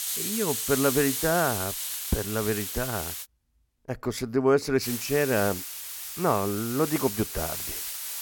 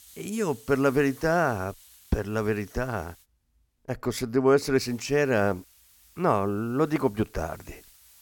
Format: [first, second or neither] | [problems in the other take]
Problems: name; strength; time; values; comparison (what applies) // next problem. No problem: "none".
second | hiss; loud; until 3 s and from 5 s on; 3 dB below the speech; faint in the second